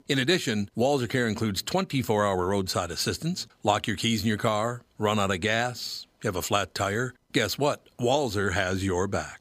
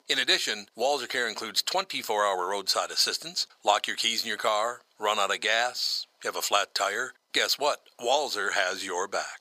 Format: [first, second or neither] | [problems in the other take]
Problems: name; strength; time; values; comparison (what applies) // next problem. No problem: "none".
first | thin; very; fading below 700 Hz